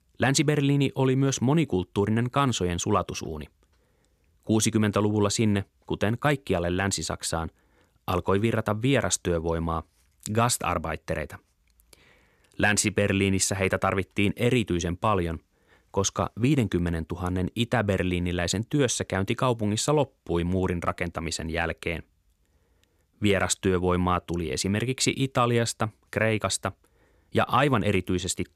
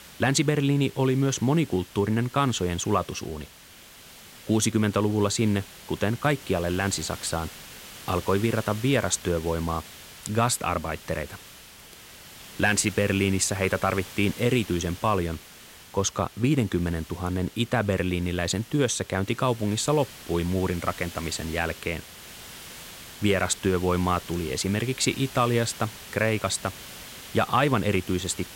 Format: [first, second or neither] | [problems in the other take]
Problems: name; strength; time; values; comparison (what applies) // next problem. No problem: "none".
first | hiss; noticeable; throughout; 15 dB below the speech